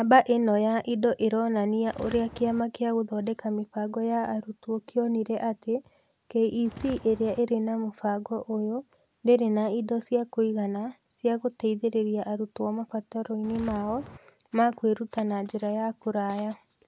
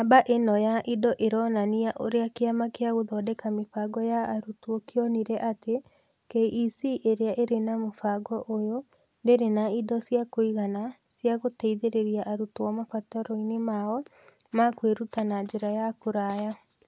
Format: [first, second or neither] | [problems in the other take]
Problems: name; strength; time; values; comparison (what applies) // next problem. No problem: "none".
second | background sound (Walk, footsteps); 15 dB below the speech